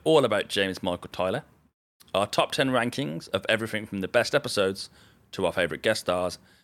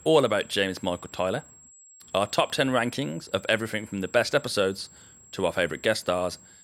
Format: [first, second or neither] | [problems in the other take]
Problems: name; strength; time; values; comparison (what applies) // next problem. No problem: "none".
first | high-pitched whine; faint; throughout; 7.5 kHz, 25 dB below the speech